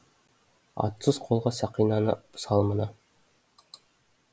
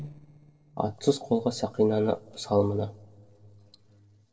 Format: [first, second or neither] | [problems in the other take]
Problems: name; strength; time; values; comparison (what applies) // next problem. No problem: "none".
first | noise reduction (neural separator model SepFormer DNS4)